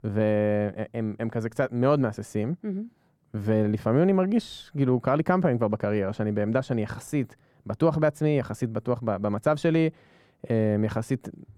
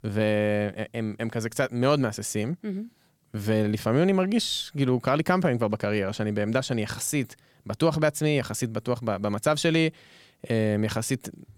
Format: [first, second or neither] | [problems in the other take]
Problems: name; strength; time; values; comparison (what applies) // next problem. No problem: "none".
second | muffled; slightly; fading above 2 kHz